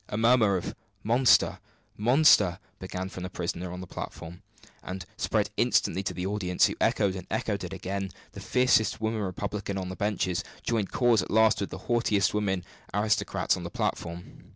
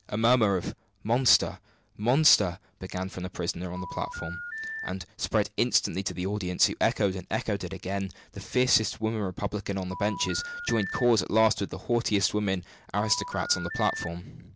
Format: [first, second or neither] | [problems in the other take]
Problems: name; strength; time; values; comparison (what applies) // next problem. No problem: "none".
first | background sound (Telephone); 9 dB below the speech